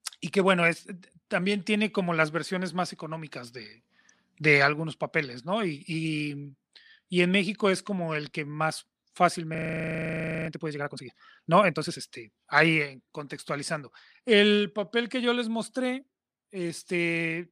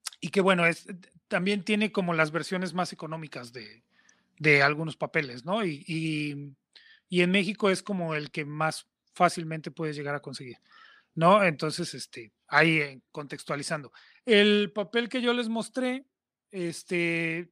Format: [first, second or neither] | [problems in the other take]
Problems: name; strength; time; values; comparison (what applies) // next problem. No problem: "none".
second | audio freezing; at 9.5 s for 1 s